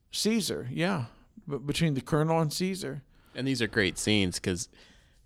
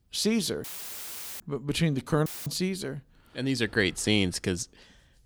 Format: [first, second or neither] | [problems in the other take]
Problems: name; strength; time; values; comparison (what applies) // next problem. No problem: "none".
first | audio cutting out; filled with static; at 0.5 s for 1 s and at 2.5 s